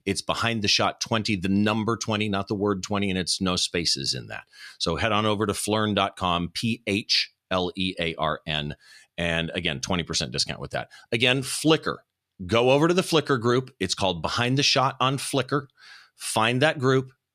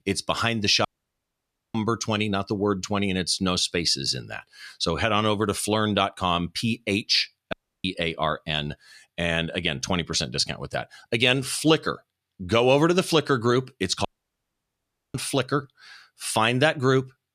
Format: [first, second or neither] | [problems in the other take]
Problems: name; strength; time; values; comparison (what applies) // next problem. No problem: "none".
first | audio cutting out; at 1 s for 1 s, at 7.5 s and at 14 s for 1 s